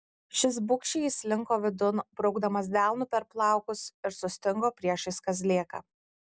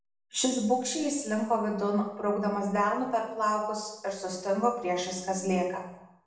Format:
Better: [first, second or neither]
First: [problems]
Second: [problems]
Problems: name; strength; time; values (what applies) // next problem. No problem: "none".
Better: first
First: none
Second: room echo; dies away in 0.8 s